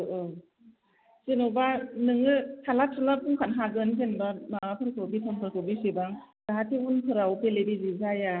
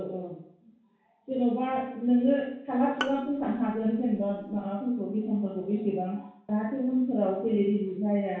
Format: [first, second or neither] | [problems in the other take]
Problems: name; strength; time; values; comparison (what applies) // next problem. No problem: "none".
first | background sound (Bowed string instrument); 13 dB below the speech // room echo; dies away in 0.6 s